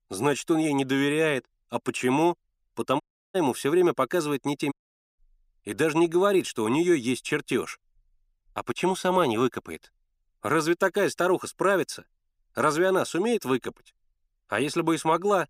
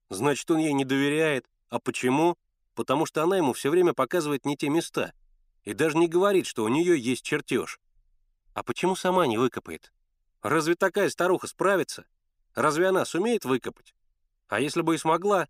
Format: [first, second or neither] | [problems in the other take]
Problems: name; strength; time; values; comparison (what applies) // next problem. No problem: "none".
second | audio cutting out; at 3 s and at 4.5 s